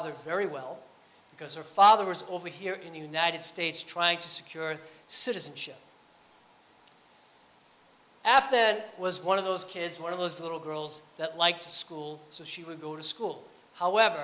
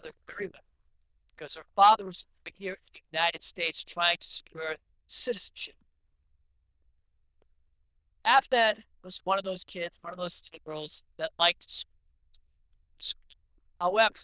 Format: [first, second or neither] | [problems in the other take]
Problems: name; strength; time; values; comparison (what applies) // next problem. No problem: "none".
first | noise reduction (neural diffusion model UNIVERSE++)